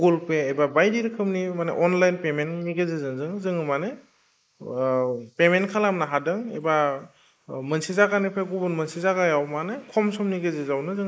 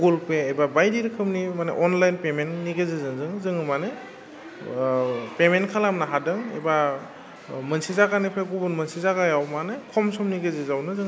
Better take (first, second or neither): second